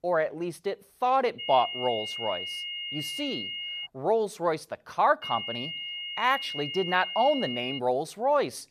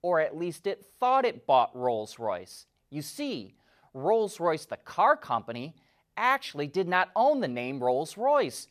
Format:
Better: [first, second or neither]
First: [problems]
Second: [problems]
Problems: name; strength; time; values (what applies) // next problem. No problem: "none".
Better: second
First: high-pitched whine; loud; from 1.5 to 4 s and from 5 to 8 s; 3 kHz, 5 dB below the speech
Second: none